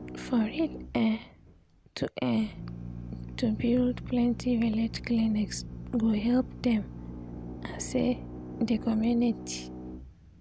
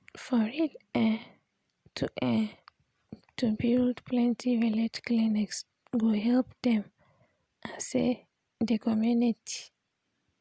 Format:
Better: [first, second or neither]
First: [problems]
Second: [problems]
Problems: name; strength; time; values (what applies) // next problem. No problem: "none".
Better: second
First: background sound (Drill); 11 dB below the speech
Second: none